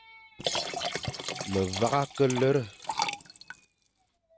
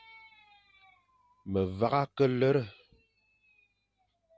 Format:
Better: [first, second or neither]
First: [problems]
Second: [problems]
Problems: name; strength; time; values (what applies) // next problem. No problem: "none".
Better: second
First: background sound (Liquid); 4 dB below the speech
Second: none